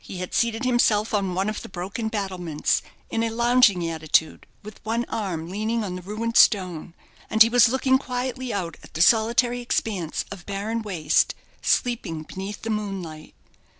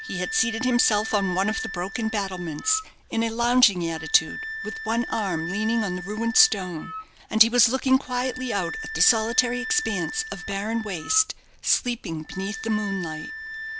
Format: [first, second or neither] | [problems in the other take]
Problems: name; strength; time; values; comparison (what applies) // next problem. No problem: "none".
first | background sound (Wind instrument, woodwind instrument); 10 dB below the speech